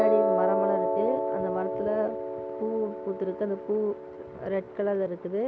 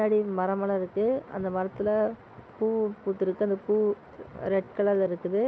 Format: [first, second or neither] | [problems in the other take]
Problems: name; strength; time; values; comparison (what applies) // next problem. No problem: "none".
second | background sound (Piano); as loud as the speech